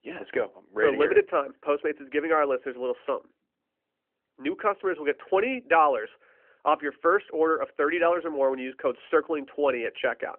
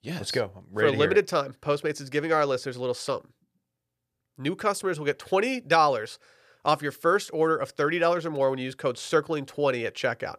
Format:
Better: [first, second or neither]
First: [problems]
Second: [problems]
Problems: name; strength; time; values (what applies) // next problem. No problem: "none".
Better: second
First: phone-call audio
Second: none